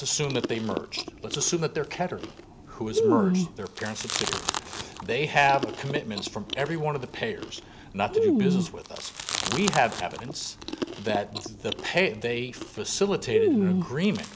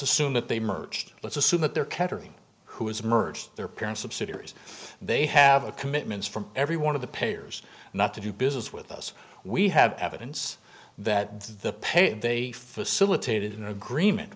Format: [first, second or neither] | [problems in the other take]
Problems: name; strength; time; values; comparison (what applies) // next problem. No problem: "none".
second | background sound (Chewing, mastication); 1 dB below the speech